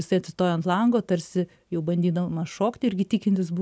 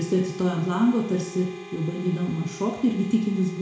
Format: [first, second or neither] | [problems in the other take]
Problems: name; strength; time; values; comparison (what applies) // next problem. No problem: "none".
first | background sound (Harmonica); 17 dB below the speech // room echo; dies away in 0.6 s